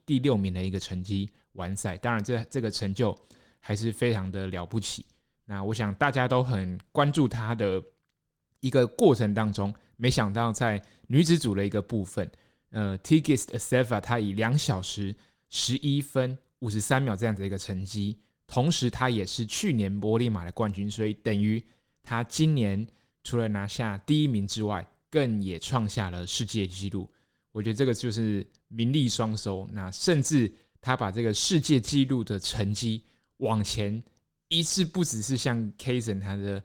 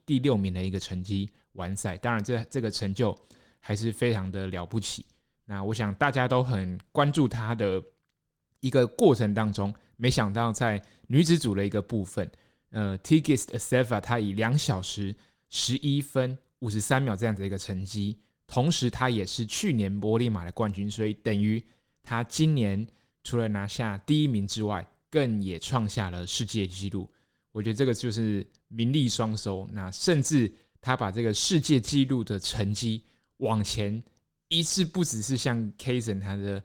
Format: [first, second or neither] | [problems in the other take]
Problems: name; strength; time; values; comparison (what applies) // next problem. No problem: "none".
neither | garbled, watery; slightly; nothing above 17.5 kHz; the same in both